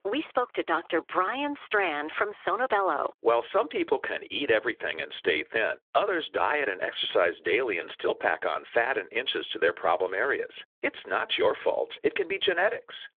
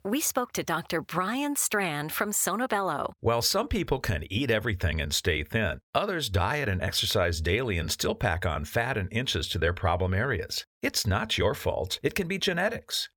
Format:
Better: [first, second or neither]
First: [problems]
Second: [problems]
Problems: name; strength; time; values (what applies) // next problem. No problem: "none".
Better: second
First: phone-call audio; nothing above 3.5 kHz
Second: none